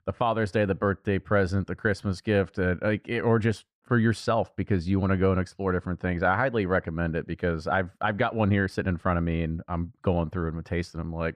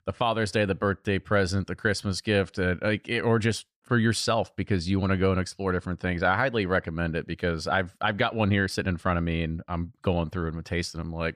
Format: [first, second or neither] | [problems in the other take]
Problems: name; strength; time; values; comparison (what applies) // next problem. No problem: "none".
second | muffled; slightly; fading above 2.5 kHz